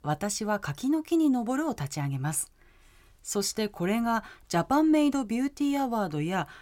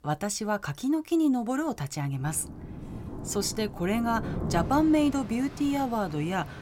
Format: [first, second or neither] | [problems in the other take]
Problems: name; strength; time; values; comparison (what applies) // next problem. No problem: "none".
first | rain or running water; noticeable; throughout; 10 dB below the speech